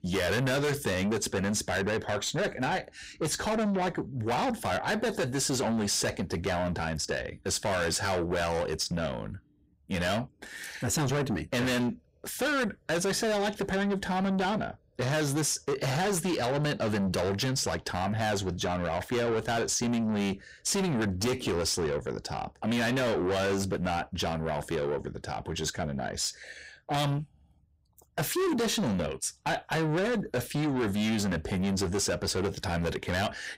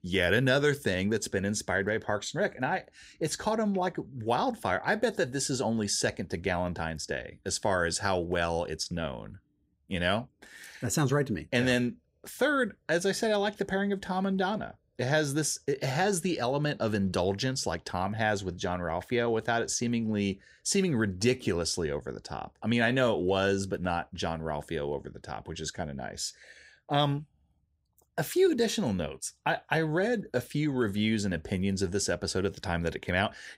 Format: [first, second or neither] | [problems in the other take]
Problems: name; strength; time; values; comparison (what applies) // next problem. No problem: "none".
second | distortion; heavy; 6 dB below the speech